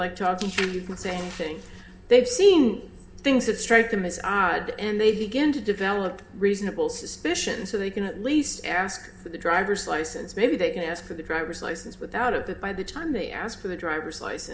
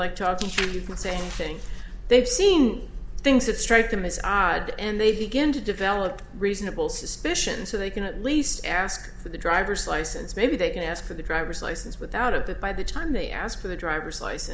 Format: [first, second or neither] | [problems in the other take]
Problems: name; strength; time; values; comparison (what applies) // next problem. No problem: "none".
second | room echo; dies away in 0.3 s